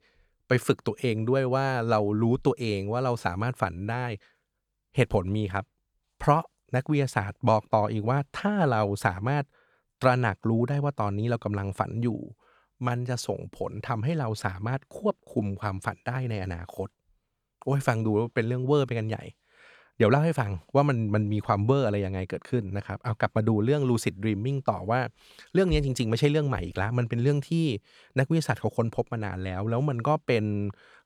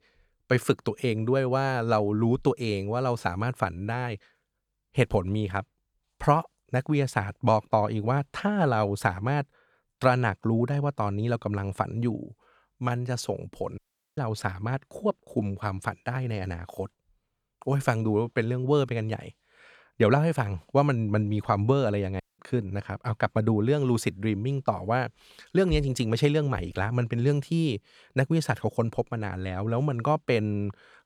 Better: first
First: none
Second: audio cutting out; at 14 s and at 22 s

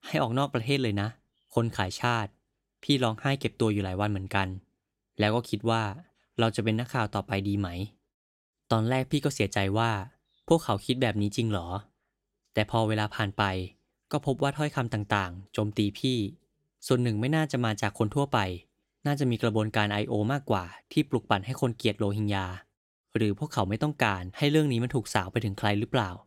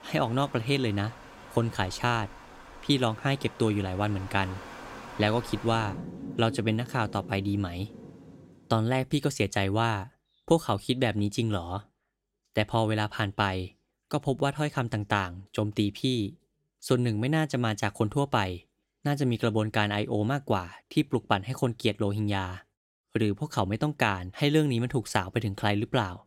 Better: first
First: none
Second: rain or running water; noticeable; until 8.5 s; 15 dB below the speech

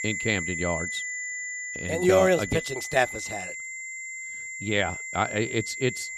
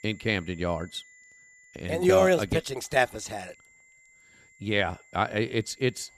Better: second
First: high-pitched whine; loud; throughout; 2 kHz, 6 dB below the speech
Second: high-pitched whine; faint; throughout; 2 kHz, 25 dB below the speech

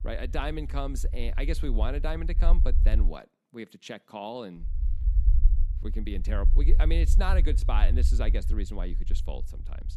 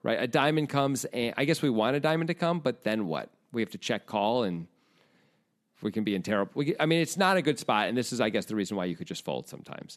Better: second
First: low rumble; noticeable; until 3 s and from 4.5 s on; 15 dB below the speech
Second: none

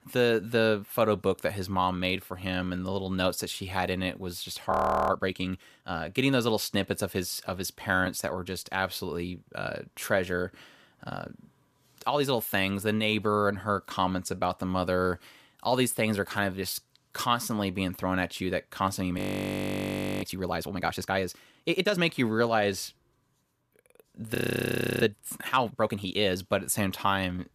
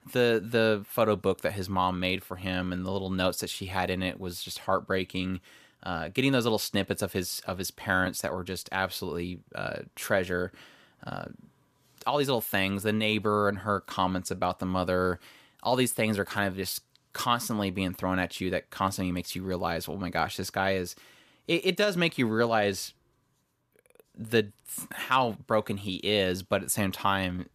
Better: second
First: audio freezing; at 4.5 s, at 19 s for 1 s and at 24 s for 0.5 s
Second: none

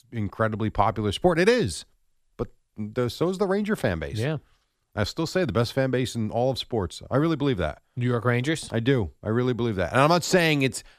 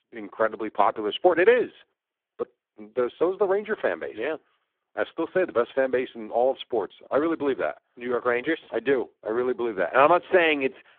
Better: first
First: none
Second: phone-call audio; poor line

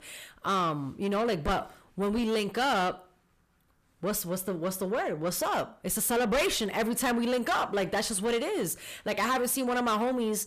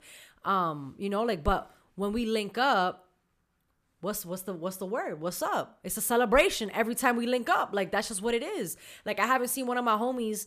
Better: second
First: distortion; heavy; 7 dB below the speech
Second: none

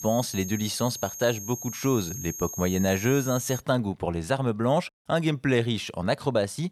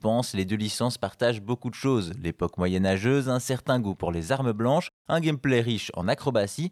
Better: second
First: high-pitched whine; loud; until 3.5 s; 6.5 kHz, 9 dB below the speech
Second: none

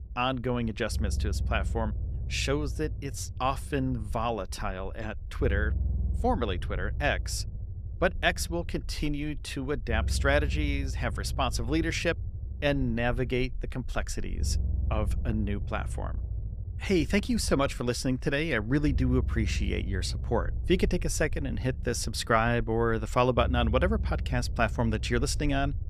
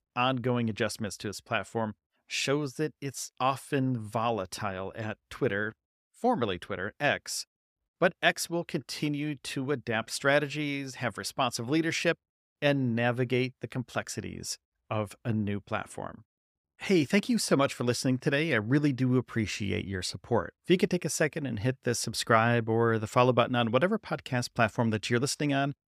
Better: second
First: low rumble; faint; throughout; 20 dB below the speech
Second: none

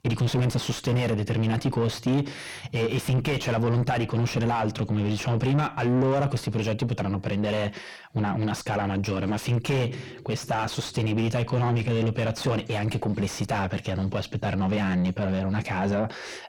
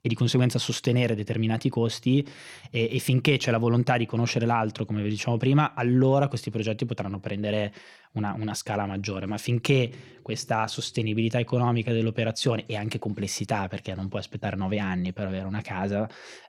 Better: second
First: distortion; heavy; 6 dB below the speech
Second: none

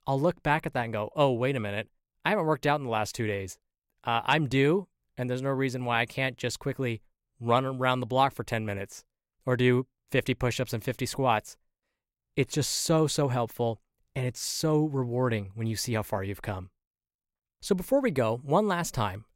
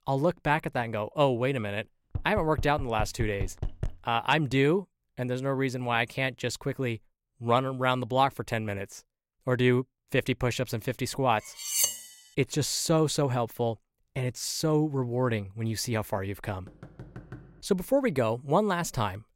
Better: first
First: none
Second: door banging; noticeable; from 2 to 4 s; peak 9 dB below the speech // clattering dishes; loud; at 12 s; peak 3 dB above the speech // door banging; faint; at 17 s; peak 15 dB below the speech

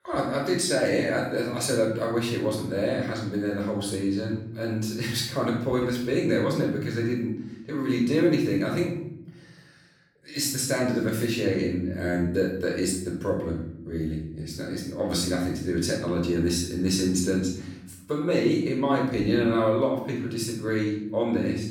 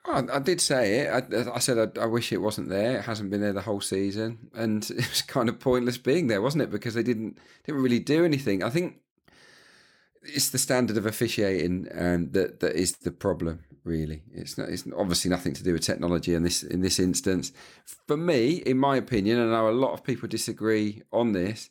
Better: second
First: off-mic speech; far // room echo; noticeable; dies away in 0.8 s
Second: none

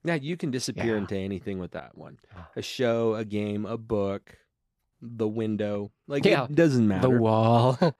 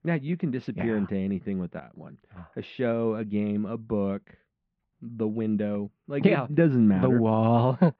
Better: first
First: none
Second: muffled; very; fading above 3 kHz

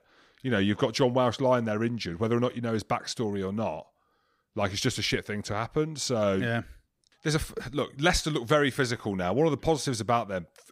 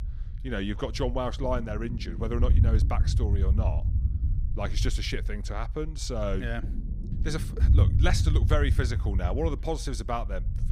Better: first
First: none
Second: low rumble; noticeable; throughout; 10 dB below the speech

